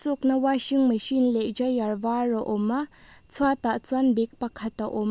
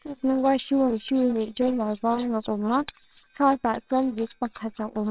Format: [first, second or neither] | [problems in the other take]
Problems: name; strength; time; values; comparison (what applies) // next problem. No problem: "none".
first | noise reduction (neural separator model SepFormer WHAMR!)